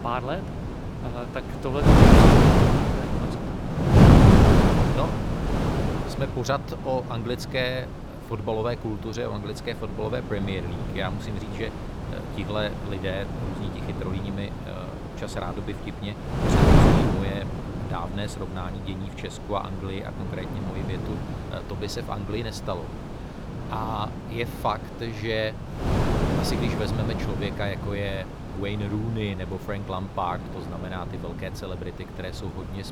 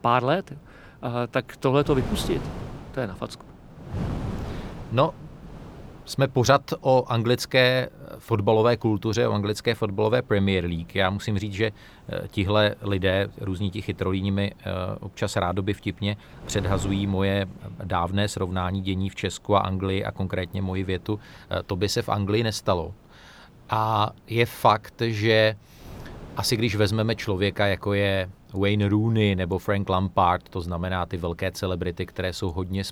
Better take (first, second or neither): second